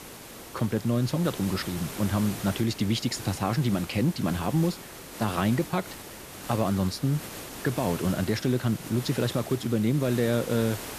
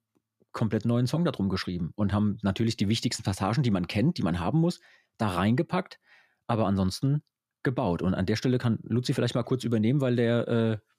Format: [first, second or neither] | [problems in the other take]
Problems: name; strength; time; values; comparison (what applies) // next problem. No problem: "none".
second | hiss; noticeable; throughout; 10 dB below the speech